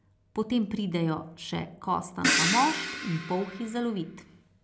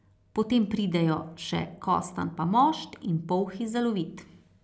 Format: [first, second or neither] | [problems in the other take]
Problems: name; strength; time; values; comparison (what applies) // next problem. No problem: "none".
second | background sound (Crash cymbal); as loud as the speech